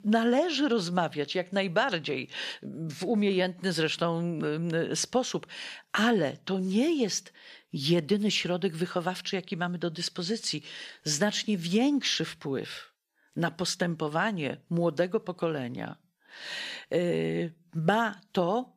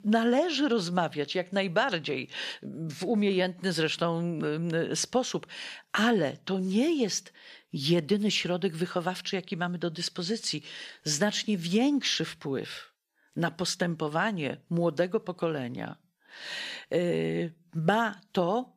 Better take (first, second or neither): neither